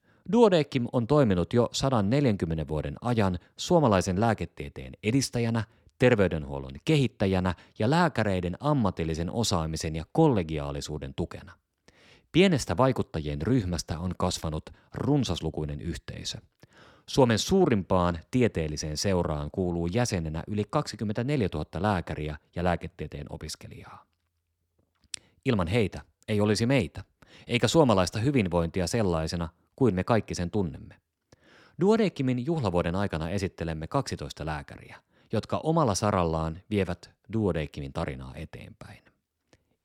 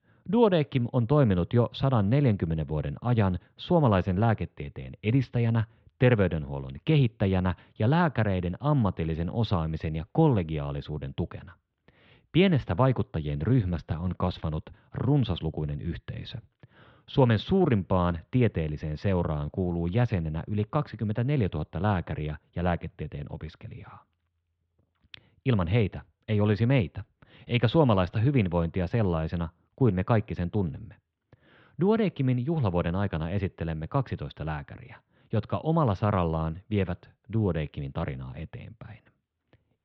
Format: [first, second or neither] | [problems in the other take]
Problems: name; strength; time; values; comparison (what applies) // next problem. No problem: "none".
first | muffled; very; fading above 3.5 kHz